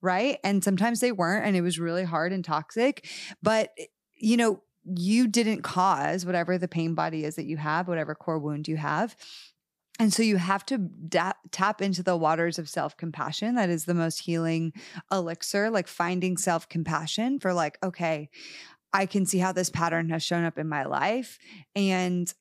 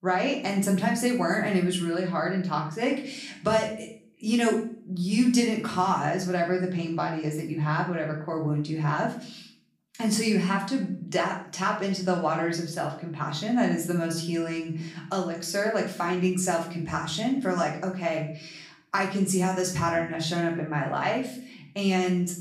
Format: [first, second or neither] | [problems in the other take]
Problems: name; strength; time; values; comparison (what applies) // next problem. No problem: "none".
first | room echo; noticeable; dies away in 0.5 s // off-mic speech; far